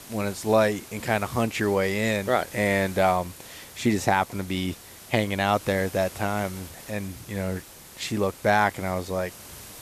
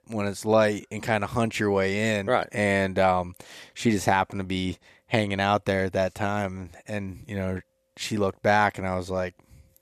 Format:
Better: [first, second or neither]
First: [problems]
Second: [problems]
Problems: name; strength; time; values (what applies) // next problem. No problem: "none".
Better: second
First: hiss; noticeable; throughout; 15 dB below the speech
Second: none